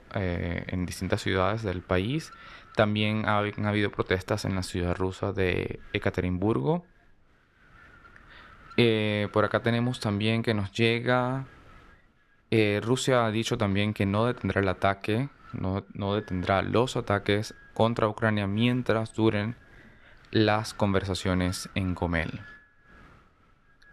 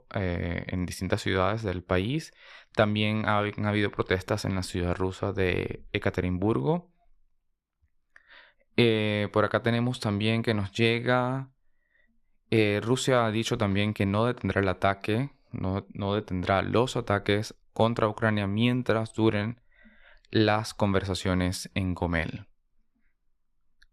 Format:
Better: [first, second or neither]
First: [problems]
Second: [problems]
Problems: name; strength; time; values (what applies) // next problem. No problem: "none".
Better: second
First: wind noise on the microphone; occasional gusts; 25 dB below the speech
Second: none